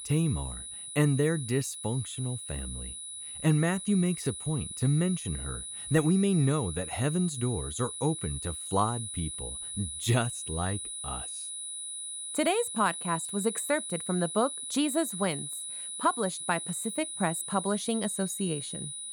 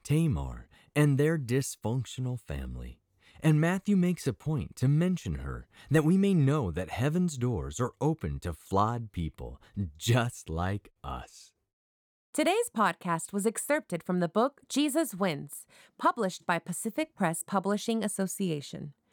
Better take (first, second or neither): second